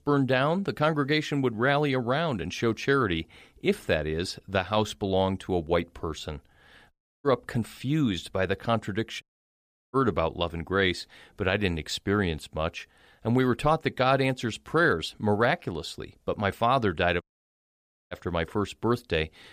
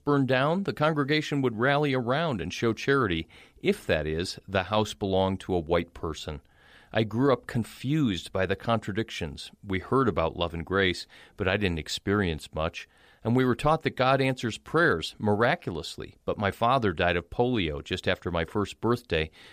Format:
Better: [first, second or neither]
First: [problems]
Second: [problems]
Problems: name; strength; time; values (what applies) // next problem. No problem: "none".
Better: second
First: audio cutting out; at 7 s, at 9 s for 0.5 s and at 17 s for 1 s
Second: none